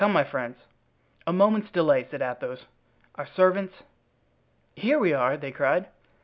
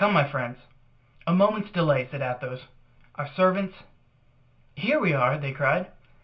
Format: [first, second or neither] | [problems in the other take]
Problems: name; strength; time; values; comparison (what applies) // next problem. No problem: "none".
first | room echo; dies away in 0.2 s